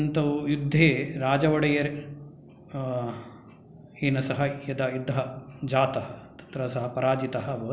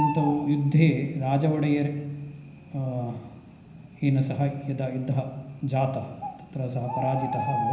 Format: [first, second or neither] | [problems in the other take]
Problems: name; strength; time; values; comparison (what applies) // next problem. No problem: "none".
first | background sound (Bird); 9 dB below the speech // room echo; dies away in 0.9 s